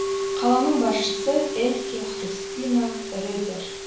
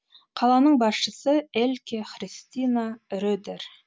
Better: second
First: background sound (Musical instrument); 4 dB below the speech // room echo; dies away in 0.7 s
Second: none

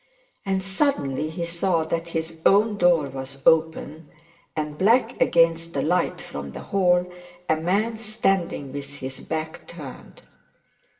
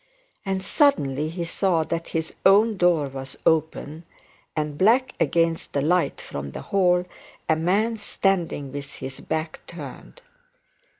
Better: second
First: room echo; dies away in 0.8 s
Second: none

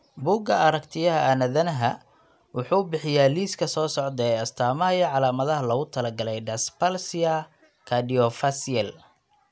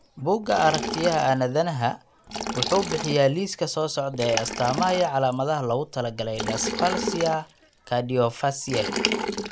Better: first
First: none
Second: background sound (Liquid); 7 dB below the speech

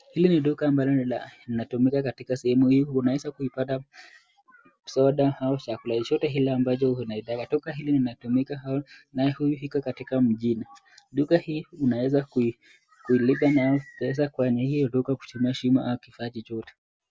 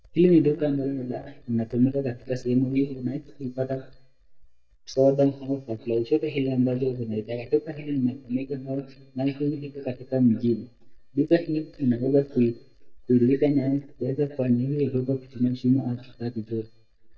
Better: first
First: none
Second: noise reduction (neural mask model DeepFilterNet 3)

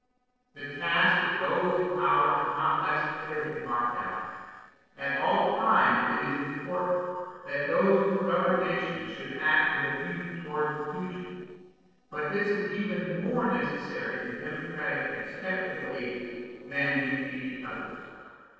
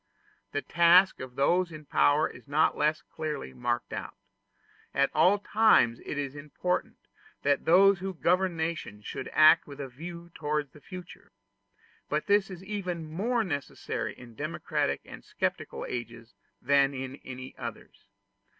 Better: second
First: noise reduction (neural separator model SepFormer DNS4)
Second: none

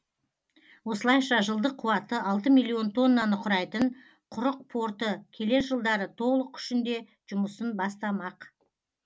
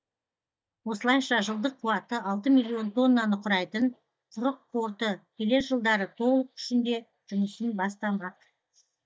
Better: first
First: none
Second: noise reduction (neural mask model DeepFilterNet 3)

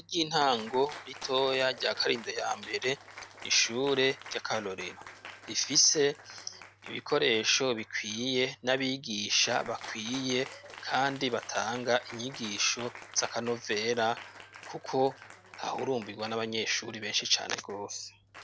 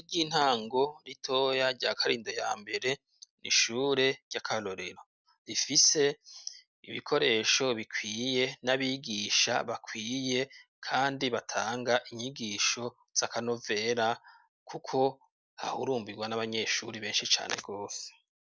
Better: second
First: background sound (Cheering); 17 dB below the speech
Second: none

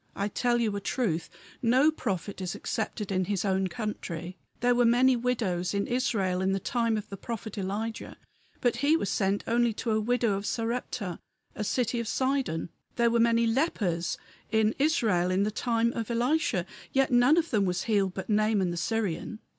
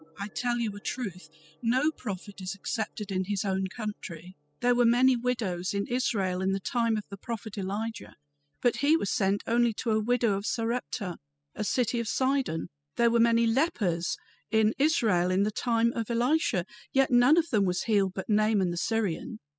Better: first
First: none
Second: noise reduction (classical method spectral subtraction)

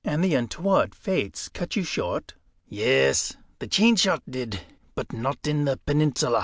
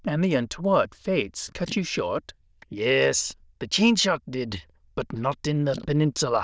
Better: first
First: none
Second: noise reduction (neural diffusion model UNIVERSE++)

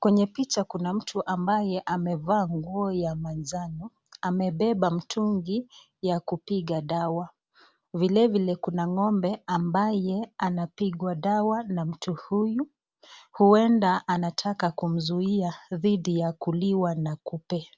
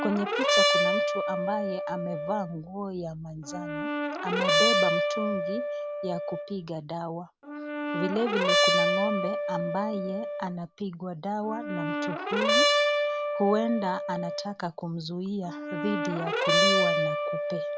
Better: first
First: none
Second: background sound (Brass instrument); 4 dB above the speech

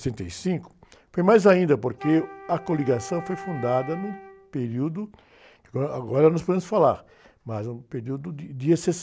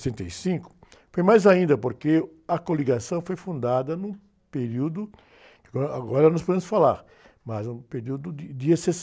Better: second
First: background sound (Wind instrument, woodwind instrument); 15 dB below the speech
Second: none

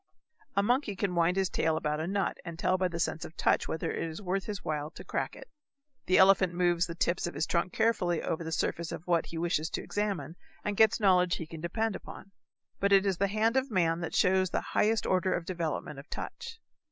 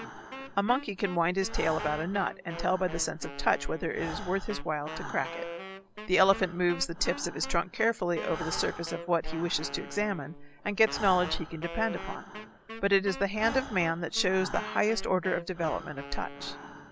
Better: first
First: none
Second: background sound (Breathing + Wind instrument, woodwind instrument); 11 dB below the speech

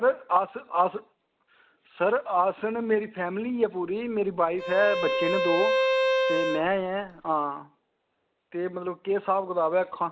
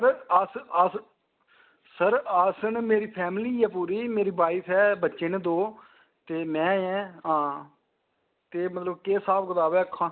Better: second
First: background sound (Bowed string instrument); 1 dB above the speech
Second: none

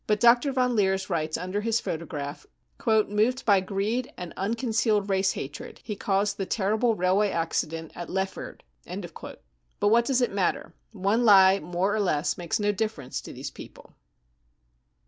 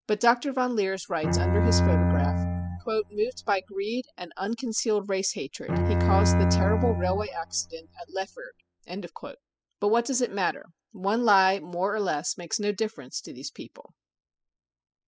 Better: first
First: none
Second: noise reduction (classical method spectral subtraction)

